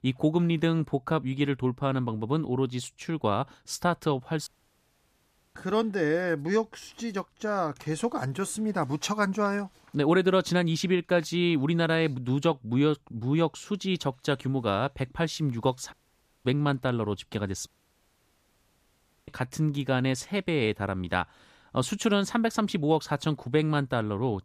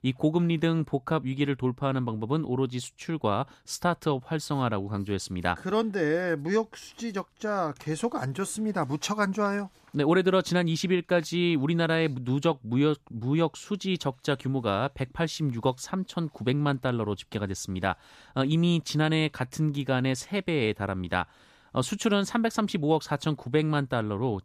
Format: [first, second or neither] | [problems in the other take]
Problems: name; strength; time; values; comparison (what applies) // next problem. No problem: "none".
second | audio cutting out; at 4.5 s for 1 s, at 16 s for 0.5 s and at 18 s for 1.5 s